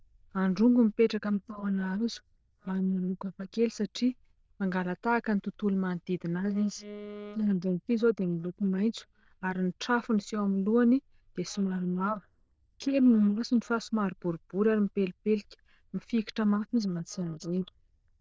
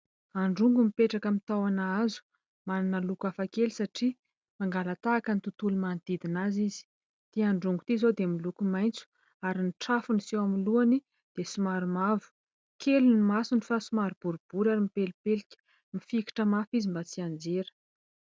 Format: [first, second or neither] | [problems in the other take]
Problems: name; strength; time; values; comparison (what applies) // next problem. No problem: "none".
second | noise reduction (neural diffusion model UNIVERSE++)